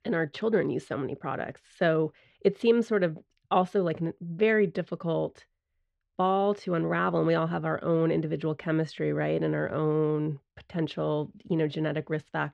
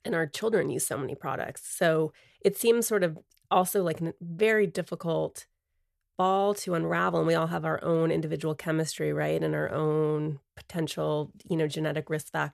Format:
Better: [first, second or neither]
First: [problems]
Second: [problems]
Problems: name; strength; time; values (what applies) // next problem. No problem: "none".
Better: second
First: muffled; slightly; fading above 3.5 kHz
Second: none